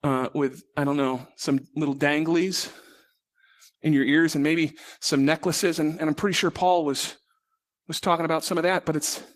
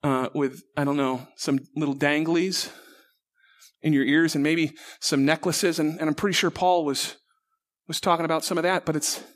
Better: second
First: garbled, watery; slightly; nothing above 14.5 kHz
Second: none

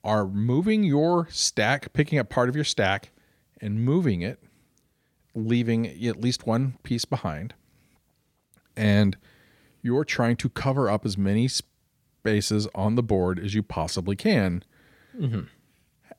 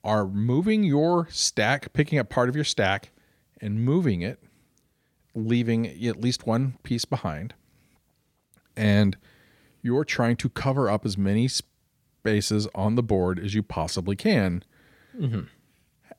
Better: neither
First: none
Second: none

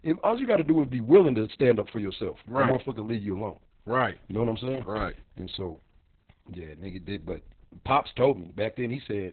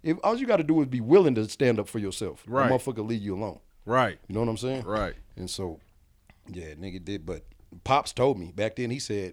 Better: second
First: garbled, watery; badly; nothing above 4 kHz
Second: none

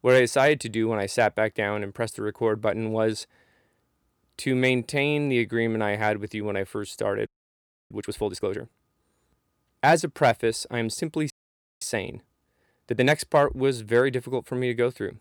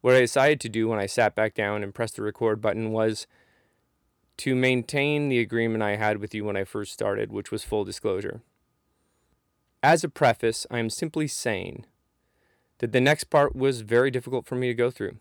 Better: second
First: audio freezing; at 7.5 s for 0.5 s and at 11 s for 0.5 s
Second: none

